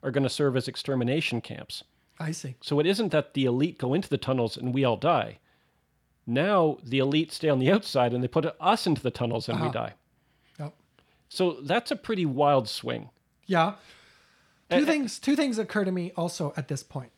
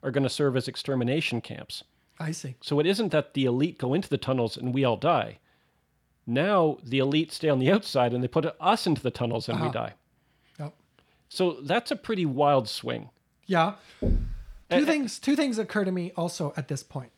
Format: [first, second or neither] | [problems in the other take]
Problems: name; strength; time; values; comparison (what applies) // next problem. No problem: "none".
first | door banging; noticeable; at 14 s; peak 3 dB below the speech